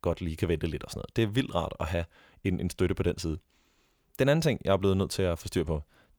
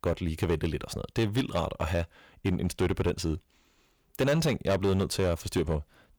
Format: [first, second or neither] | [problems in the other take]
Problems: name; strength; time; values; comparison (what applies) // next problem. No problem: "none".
first | distortion; slight; 7% of the sound clipped